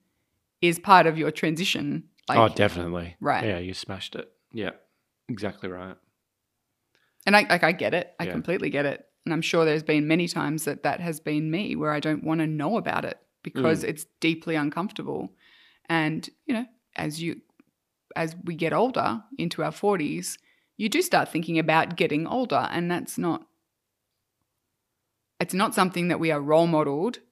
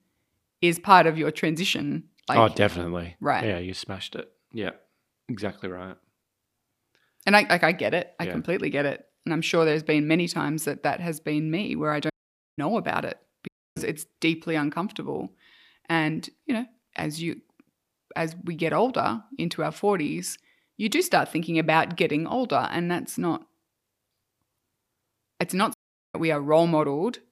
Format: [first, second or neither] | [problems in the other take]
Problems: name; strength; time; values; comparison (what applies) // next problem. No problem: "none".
first | audio cutting out; at 12 s, at 13 s and at 26 s